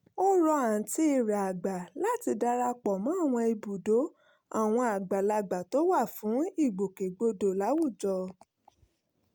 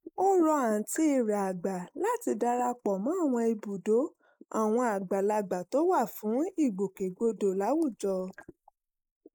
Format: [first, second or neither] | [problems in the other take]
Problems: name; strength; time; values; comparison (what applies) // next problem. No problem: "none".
first | noise reduction (neural mask model Resemble Enhance denoiser)